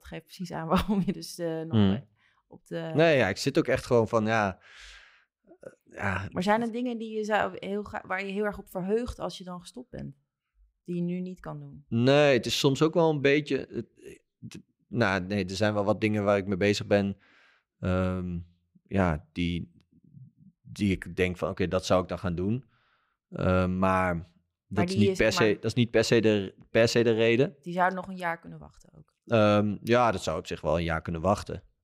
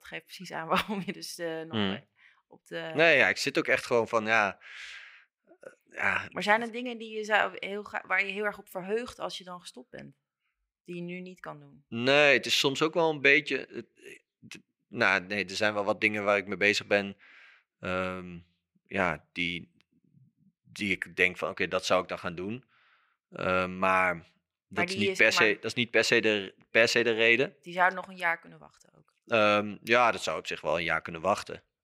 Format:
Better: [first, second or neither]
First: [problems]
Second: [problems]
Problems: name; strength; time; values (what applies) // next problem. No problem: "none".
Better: first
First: none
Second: thin; somewhat; fading below 950 Hz